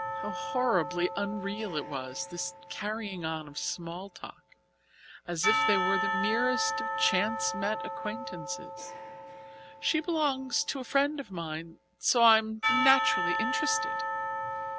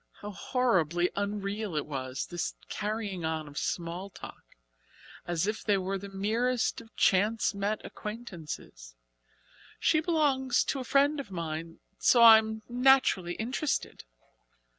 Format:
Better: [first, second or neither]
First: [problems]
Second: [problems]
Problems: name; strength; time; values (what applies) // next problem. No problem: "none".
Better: second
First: background sound (Church bell / Percussion); 2 dB below the speech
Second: none